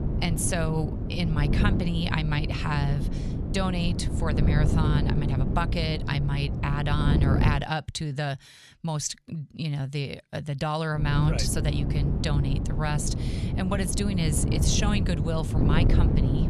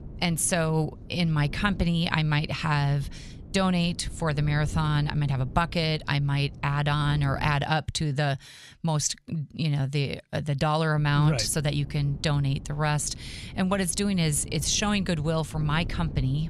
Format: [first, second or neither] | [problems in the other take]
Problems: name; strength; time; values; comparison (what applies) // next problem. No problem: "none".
second | wind noise on the microphone; heavy; until 7.5 s and from 11 s on; 5 dB below the speech; occasional gusts in the second